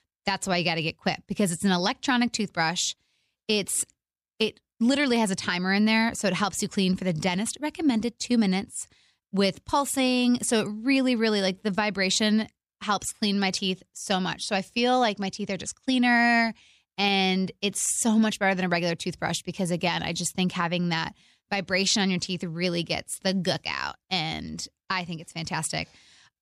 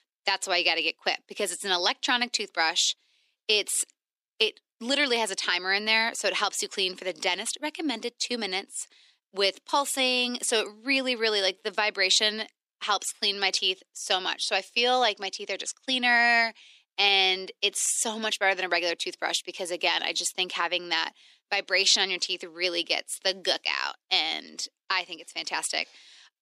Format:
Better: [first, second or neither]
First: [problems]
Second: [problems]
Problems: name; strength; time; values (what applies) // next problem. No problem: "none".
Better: first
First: none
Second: thin; somewhat; fading below 300 Hz